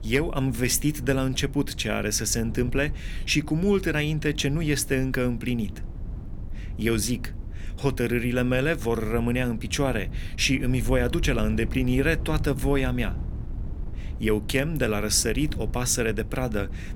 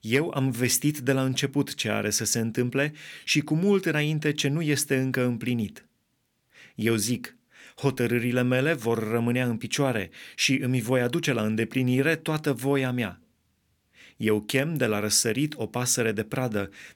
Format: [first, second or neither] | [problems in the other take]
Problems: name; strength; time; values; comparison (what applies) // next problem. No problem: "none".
second | wind noise on the microphone; occasional gusts; 20 dB below the speech